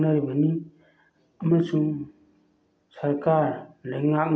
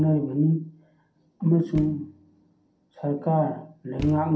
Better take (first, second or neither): first